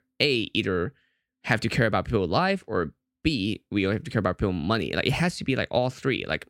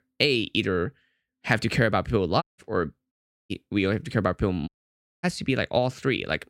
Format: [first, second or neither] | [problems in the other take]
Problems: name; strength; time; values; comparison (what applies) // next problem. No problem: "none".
first | audio cutting out; at 2.5 s, at 3 s and at 4.5 s for 0.5 s